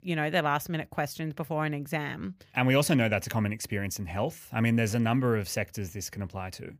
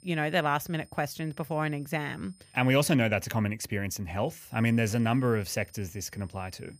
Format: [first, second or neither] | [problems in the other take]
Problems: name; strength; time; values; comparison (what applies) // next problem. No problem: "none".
first | high-pitched whine; faint; until 3 s and from 4.5 s on; 8.5 kHz, 30 dB below the speech